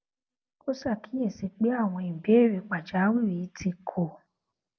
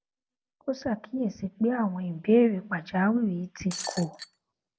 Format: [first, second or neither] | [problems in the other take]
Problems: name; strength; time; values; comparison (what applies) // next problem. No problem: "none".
first | background sound (Shatter); 11 dB below the speech